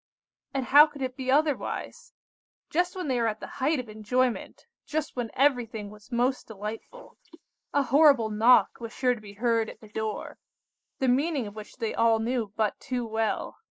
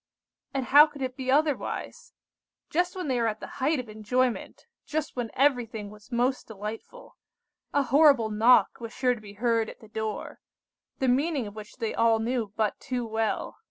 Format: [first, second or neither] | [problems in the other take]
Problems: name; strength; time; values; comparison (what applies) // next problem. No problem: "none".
second | noise reduction (neural mask model Resemble Enhance denoiser)